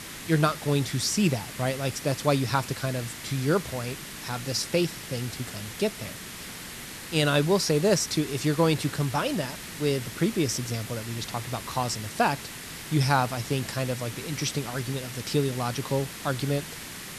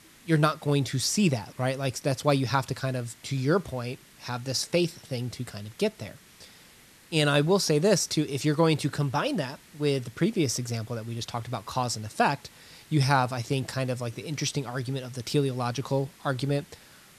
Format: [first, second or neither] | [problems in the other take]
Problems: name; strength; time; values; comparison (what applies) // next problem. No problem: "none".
second | hiss; loud; throughout; 10 dB below the speech; faint in the second